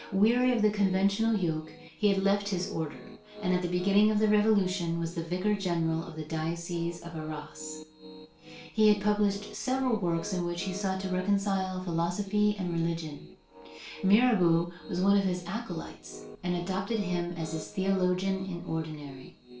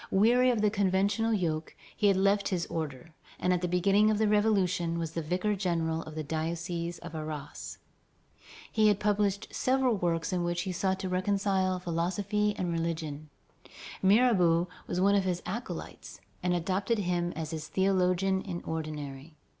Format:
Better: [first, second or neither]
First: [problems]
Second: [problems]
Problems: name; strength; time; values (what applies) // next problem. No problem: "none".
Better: second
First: background sound (Piano); 17 dB below the speech // room echo; dies away in 0.3 s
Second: none